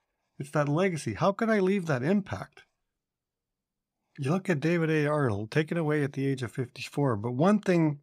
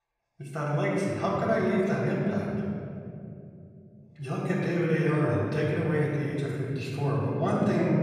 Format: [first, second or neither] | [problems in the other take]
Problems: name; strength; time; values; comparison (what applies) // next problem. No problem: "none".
first | off-mic speech; far // room echo; strong; dies away in 2.9 s